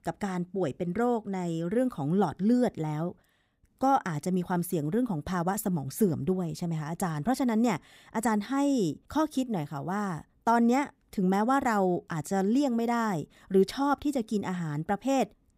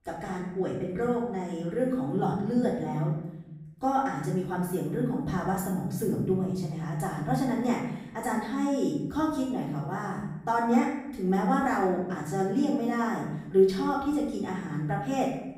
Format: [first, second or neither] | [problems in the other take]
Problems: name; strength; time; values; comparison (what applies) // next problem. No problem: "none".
first | off-mic speech; far // room echo; noticeable; dies away in 0.9 s